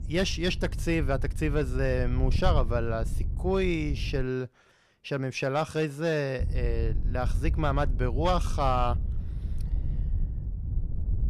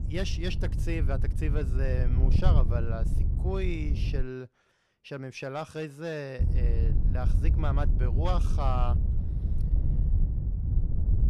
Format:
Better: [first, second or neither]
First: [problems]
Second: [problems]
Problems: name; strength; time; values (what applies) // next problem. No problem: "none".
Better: first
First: wind noise on the microphone; occasional gusts; until 4 s and from 6.5 s on; 20 dB below the speech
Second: wind noise on the microphone; heavy; until 4 s and from 6.5 s on; 7 dB below the speech